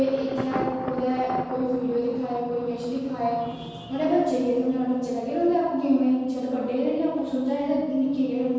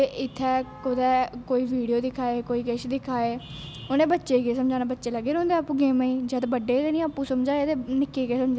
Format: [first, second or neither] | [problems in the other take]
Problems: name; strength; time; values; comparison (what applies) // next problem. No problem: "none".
second | background sound (Thunder); 14 dB below the speech // room echo; dies away in 1.2 s